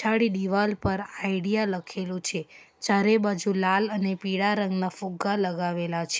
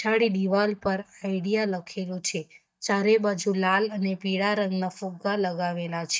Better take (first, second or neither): first